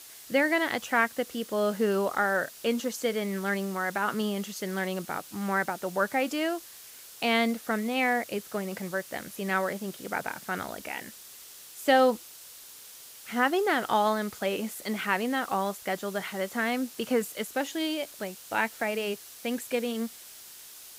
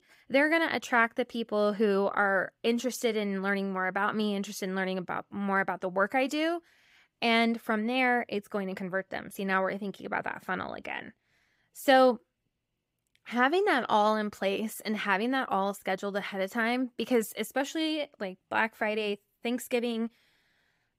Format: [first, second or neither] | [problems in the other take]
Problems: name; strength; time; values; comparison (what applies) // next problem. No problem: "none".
second | hiss; noticeable; throughout; 15 dB below the speech